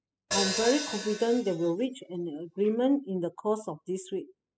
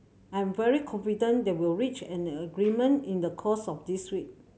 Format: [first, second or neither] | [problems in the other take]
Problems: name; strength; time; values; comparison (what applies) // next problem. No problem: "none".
second | noise reduction (classical method spectral subtraction)